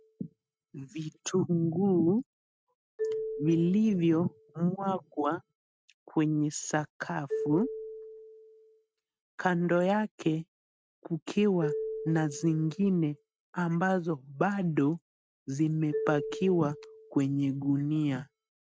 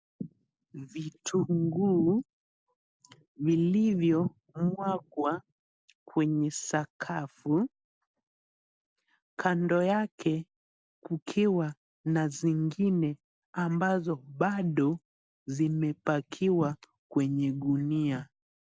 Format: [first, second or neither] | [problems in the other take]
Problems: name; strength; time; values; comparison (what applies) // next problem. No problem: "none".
second | noise reduction (neural mask model RNNoise)